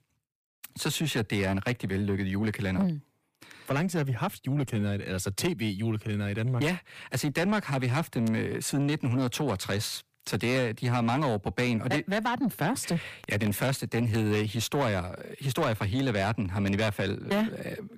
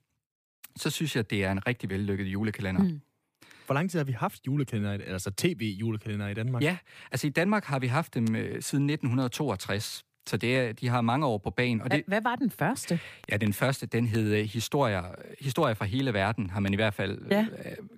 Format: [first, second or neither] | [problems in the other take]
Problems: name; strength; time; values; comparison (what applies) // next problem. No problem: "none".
second | distortion; slight; 10 dB below the speech